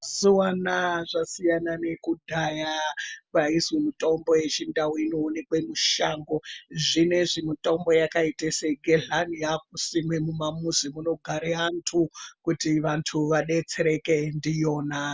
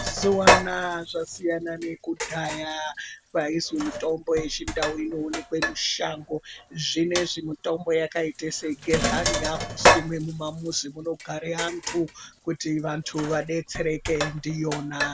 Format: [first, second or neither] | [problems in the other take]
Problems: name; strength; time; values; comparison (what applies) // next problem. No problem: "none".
first | background sound (Sink (filling or washing)); 1 dB below the speech